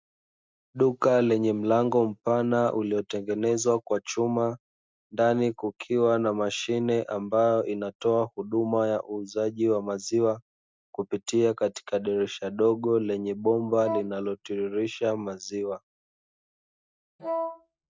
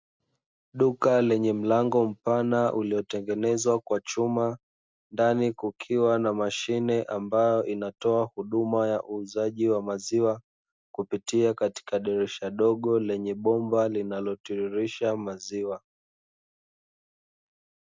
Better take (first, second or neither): second